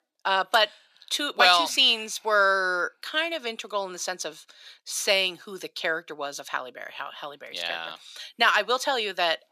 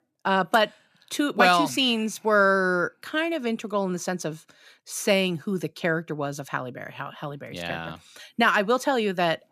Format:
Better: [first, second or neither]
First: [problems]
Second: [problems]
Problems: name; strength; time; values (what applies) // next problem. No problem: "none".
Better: second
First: thin; somewhat; fading below 550 Hz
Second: none